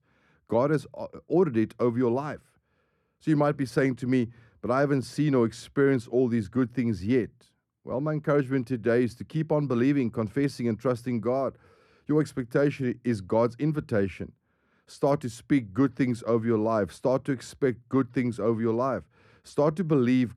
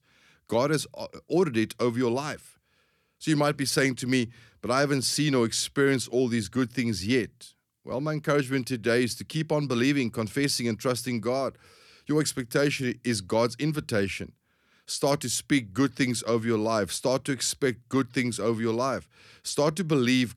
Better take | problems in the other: second | muffled; very; fading above 2 kHz

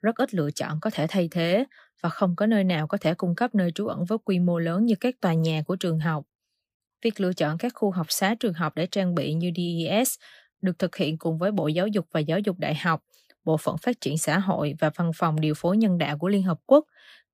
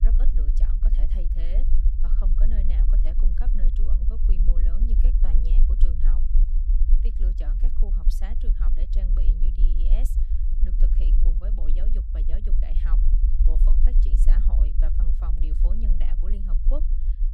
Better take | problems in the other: first | low rumble; loud; throughout; 1 dB below the speech

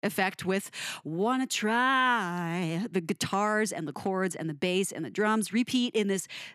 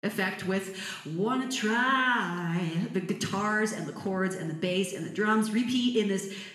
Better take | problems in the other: first | room echo; slight; dies away in 0.8 s // off-mic speech; somewhat distant

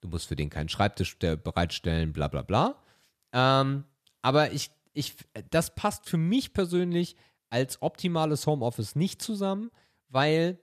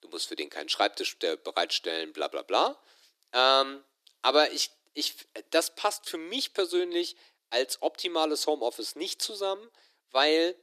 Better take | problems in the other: first | thin; very; fading below 300 Hz

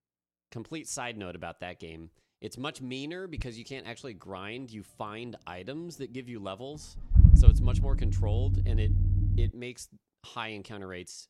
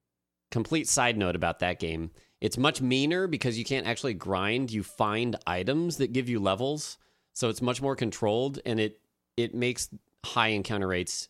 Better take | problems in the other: second | low rumble; loud; from 3.5 to 9.5 s; as loud as the speech

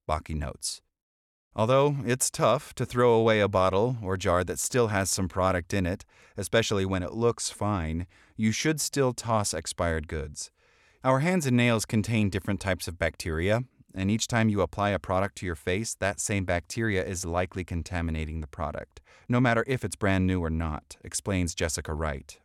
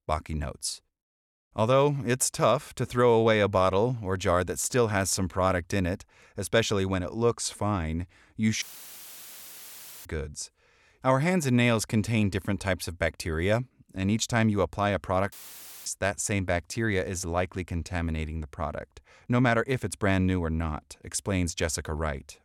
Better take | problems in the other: first | audio cutting out; filled with static; at 8.5 s for 1.5 s and at 15 s for 0.5 s

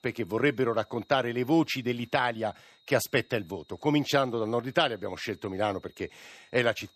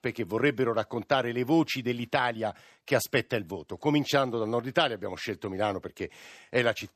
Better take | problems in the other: second | high-pitched whine; faint; throughout; 4 kHz, 35 dB below the speech

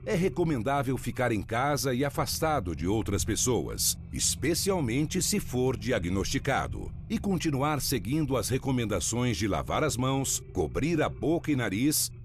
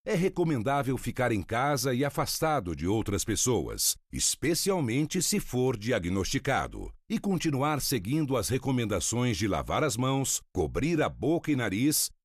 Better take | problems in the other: second | low rumble; faint; throughout; 25 dB below the speech

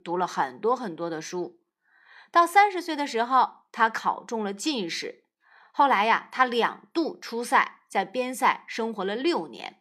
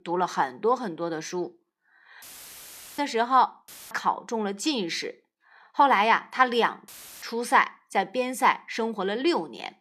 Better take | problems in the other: first | audio cutting out; filled with static; at 2 s for 1 s, at 3.5 s and at 7 s

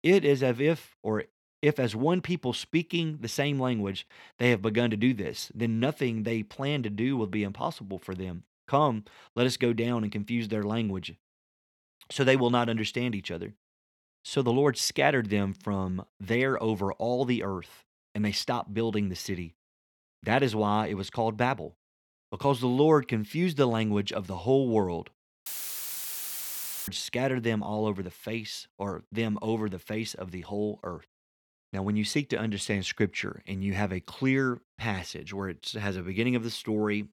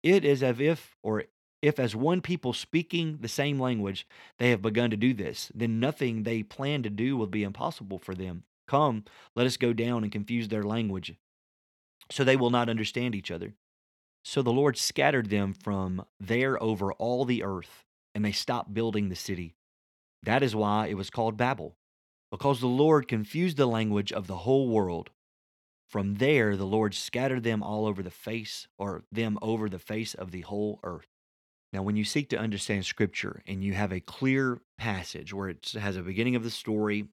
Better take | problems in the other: second | audio cutting out; filled with static; at 25 s for 1.5 s

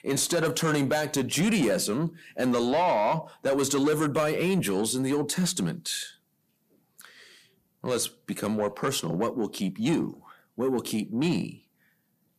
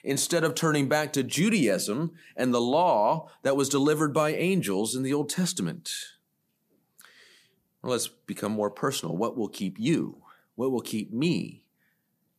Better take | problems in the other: second | distortion; slight; 10 dB below the speech

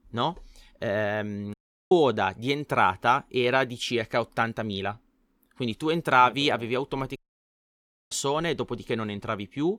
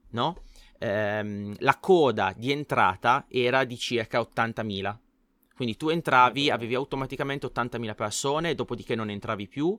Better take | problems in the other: second | audio cutting out; at 1.5 s and at 7 s for 1 s

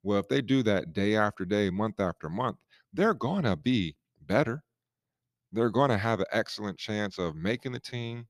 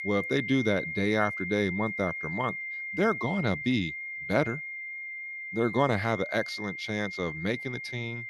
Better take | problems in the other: first | high-pitched whine; loud; throughout; 2 kHz, 5 dB below the speech

